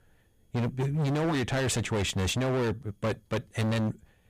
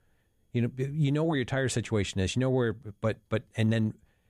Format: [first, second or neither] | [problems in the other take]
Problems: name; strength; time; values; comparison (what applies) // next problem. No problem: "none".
second | distortion; heavy; 27% of the sound clipped